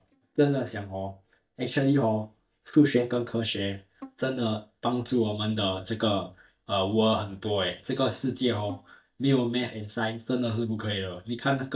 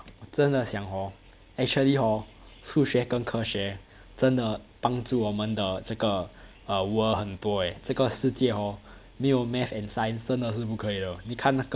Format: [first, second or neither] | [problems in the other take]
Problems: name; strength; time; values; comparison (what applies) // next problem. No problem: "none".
second | noise reduction (neural mask model DeepFilterNet 3)